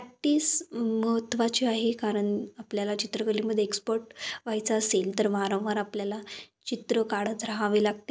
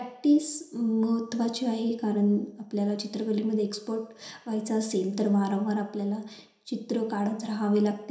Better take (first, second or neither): first